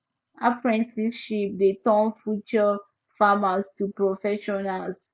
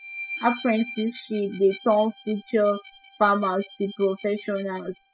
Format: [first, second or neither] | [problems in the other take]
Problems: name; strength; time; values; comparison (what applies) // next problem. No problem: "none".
first | noise reduction (classical method spectral subtraction)